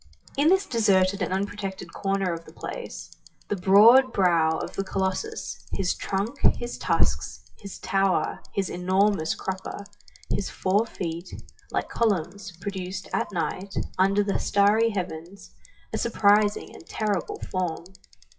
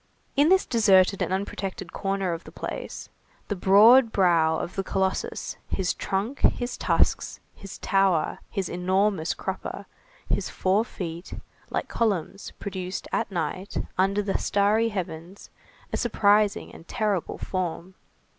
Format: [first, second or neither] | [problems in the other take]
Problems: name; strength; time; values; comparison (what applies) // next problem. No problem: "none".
second | noise reduction (classical method WPE with log-MMSE)